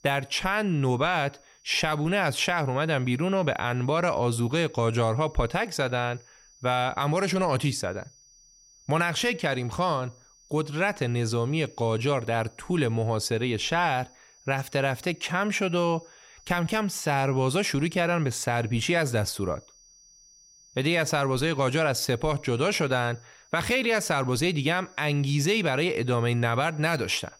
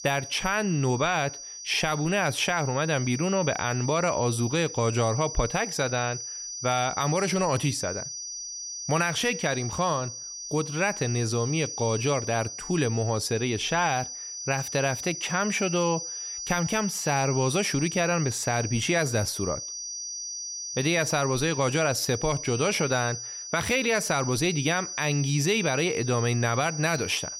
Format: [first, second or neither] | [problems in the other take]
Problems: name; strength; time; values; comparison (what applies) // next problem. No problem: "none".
first | high-pitched whine; loud; throughout; 6 kHz, 7 dB below the speech; faint in the first